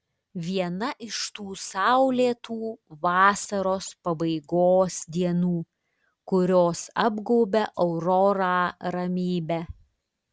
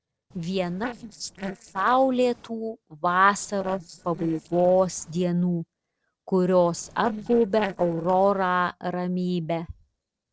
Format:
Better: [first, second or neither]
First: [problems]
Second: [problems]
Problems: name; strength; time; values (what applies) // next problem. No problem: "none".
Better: first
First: none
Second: noise reduction (neural separator model SepFormer DNS4)